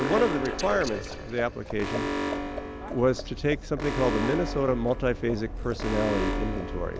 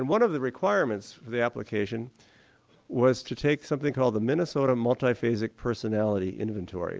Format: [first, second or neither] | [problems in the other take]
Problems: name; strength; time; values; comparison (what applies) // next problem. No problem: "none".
second | background sound (Livestock, farm animals, working animals + Alarm); 3 dB below the speech